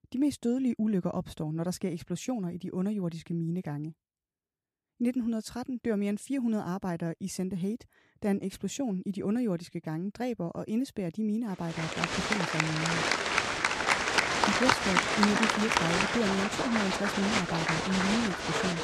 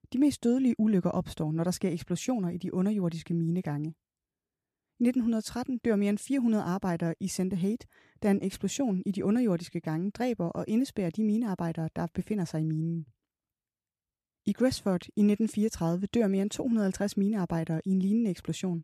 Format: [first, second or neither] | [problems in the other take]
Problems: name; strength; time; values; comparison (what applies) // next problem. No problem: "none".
second | crowd noise; very loud; from 12 s on; 4 dB above the speech